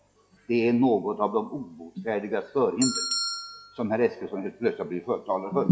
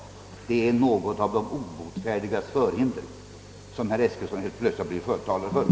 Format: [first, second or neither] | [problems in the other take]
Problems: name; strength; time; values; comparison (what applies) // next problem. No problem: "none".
second | noise reduction (classical method log-MMSE)